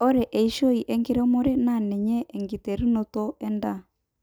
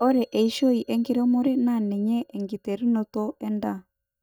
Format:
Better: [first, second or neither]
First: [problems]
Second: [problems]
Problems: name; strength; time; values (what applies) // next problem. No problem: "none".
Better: first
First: none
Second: noise reduction (neural mask model DeepFilterNet 3)